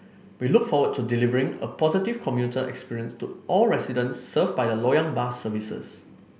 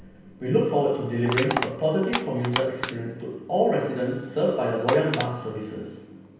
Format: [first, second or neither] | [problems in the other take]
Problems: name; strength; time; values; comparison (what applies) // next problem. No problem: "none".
first | background sound (Crushing); 10 dB below the speech // room echo; dies away in 0.9 s